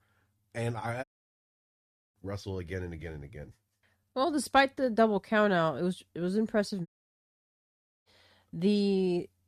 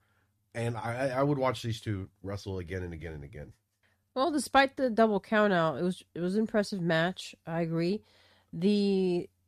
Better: second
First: audio cutting out; at 1 s for 1 s and at 7 s for 1 s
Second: none

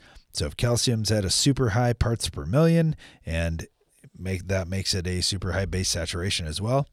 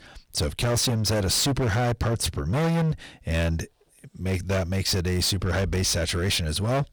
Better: first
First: none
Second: distortion; heavy; 23% of the sound clipped

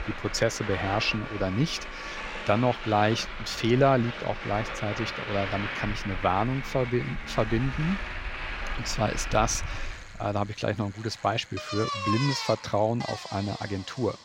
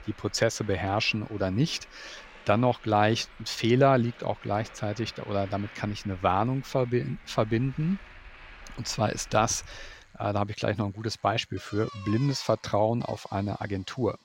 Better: second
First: traffic noise; loud; throughout; 7 dB below the speech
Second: traffic noise; faint; throughout; 20 dB below the speech

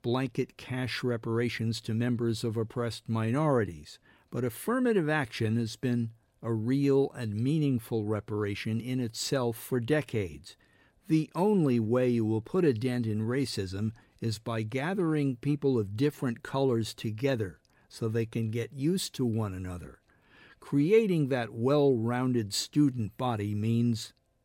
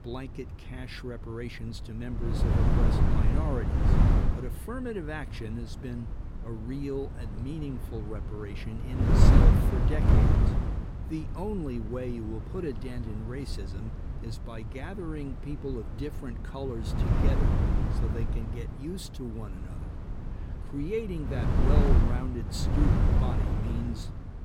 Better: first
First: none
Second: wind noise on the microphone; heavy; 2 dB above the speech

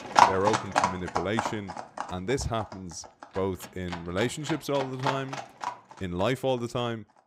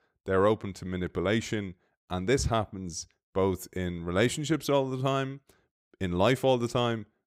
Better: second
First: animal sounds; very loud; throughout; 1 dB above the speech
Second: none

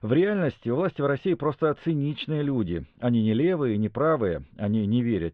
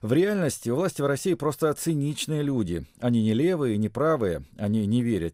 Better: second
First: muffled; very; fading above 3.5 kHz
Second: none

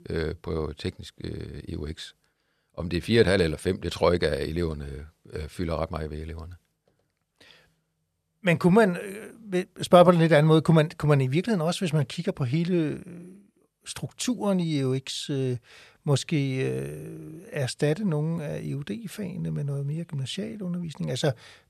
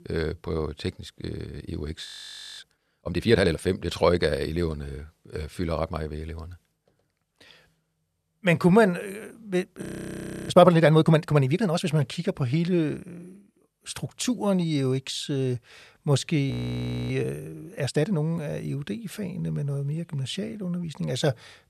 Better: first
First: none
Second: audio freezing; at 2 s for 0.5 s, at 10 s for 0.5 s and at 17 s for 0.5 s

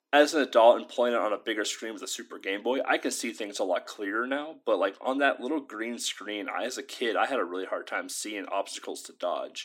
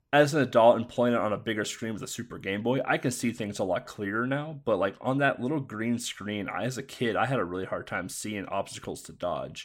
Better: second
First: thin; very slightly; fading below 300 Hz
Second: none

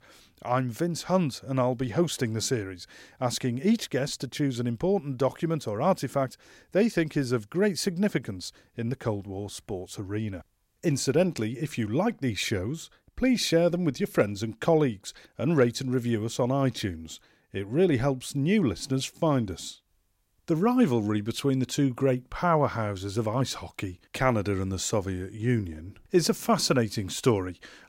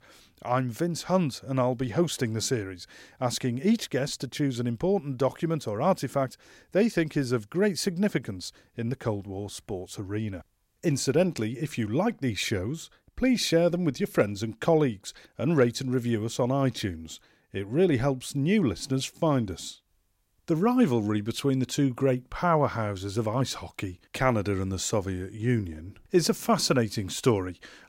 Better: neither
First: none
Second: none

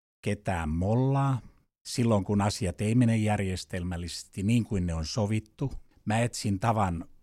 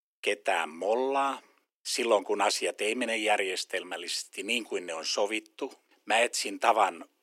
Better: first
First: none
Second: thin; very; fading below 350 Hz

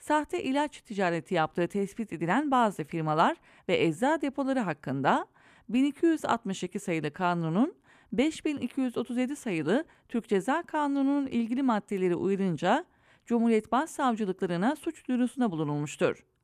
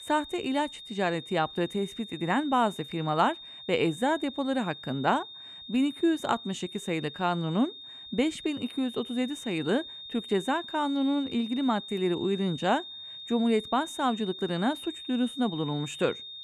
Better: first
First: none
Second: high-pitched whine; noticeable; throughout; 3.5 kHz, 10 dB below the speech

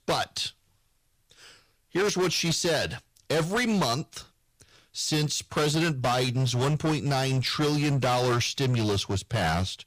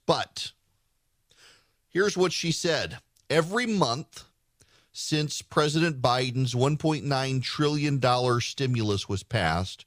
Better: second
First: distortion; heavy; 16% of the sound clipped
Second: none

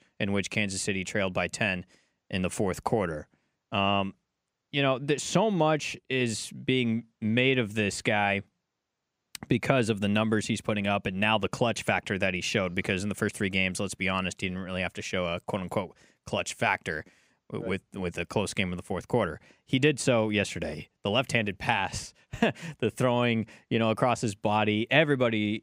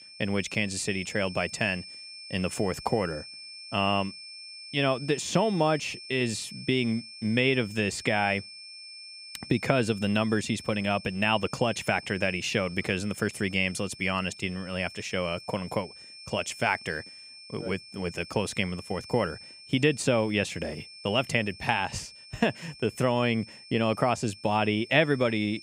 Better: first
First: none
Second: high-pitched whine; noticeable; throughout; 5.5 kHz, 15 dB below the speech

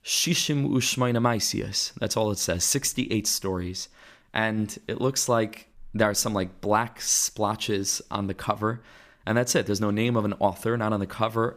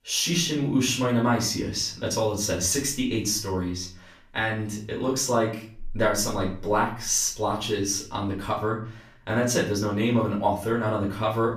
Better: first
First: none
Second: off-mic speech; far // room echo; slight; dies away in 0.4 s

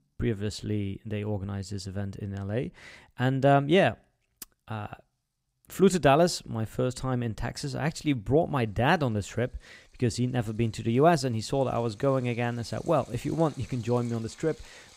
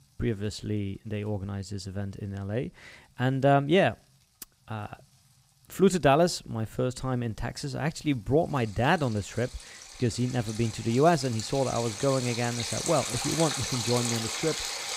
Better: first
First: rain or running water; faint; throughout; 25 dB below the speech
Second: rain or running water; loud; throughout; 5 dB below the speech

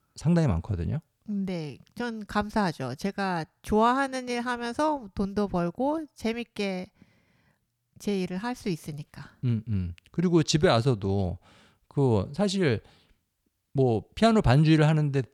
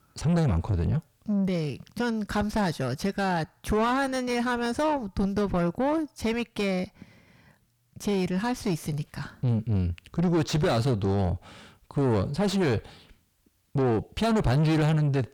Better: first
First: none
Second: distortion; heavy; 6 dB below the speech

